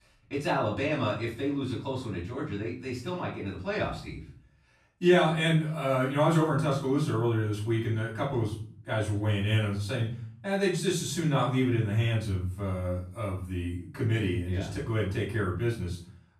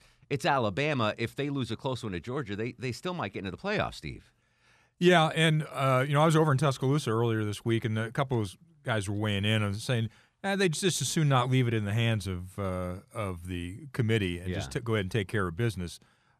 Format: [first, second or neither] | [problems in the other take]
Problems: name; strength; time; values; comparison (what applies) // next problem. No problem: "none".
second | off-mic speech; far // room echo; noticeable; dies away in 0.4 s